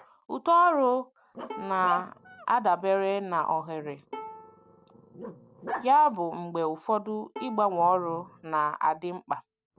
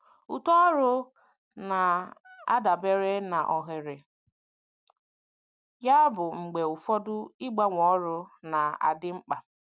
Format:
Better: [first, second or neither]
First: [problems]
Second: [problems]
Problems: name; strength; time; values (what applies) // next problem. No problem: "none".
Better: second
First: background sound (Growling + Bowed string instrument); 16 dB below the speech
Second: none